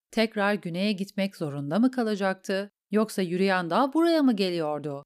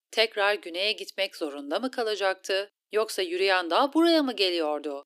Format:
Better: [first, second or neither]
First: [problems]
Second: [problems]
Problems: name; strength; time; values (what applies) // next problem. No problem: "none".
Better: first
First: none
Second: thin; somewhat; fading below 300 Hz